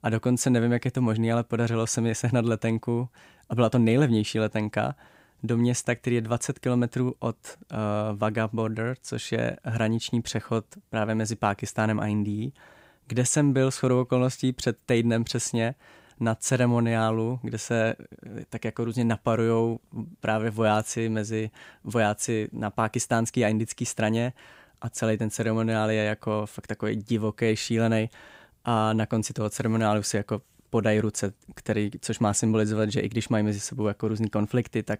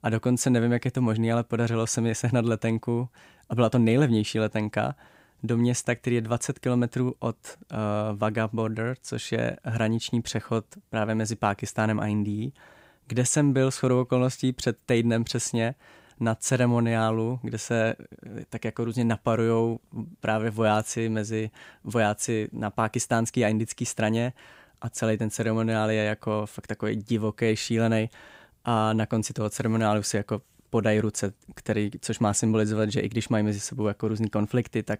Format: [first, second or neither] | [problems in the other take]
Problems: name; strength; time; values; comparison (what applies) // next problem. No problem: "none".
neither | none